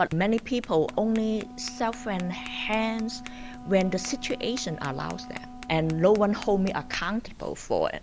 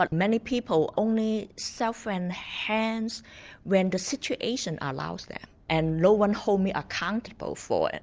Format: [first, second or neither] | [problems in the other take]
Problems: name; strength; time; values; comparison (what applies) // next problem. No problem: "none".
second | background sound (Wind instrument, woodwind instrument + Tap); 14 dB below the speech